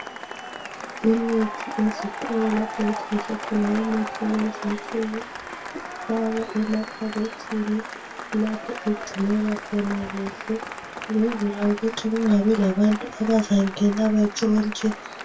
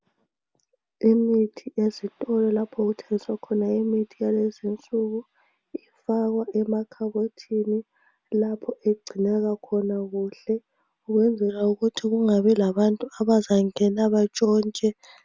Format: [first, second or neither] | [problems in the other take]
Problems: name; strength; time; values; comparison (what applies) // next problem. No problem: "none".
second | background sound (Applause / Cheering); 10 dB below the speech // room echo; dies away in 0.1 s